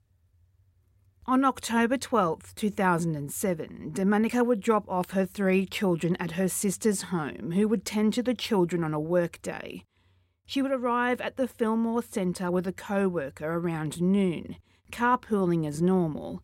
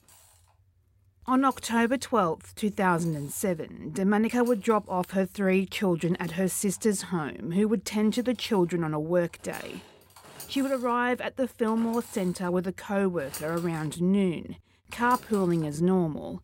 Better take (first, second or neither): first